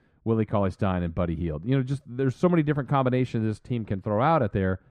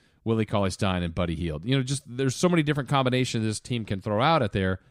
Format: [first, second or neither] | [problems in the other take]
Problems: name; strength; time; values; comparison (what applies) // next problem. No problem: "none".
second | muffled; very; fading above 2.5 kHz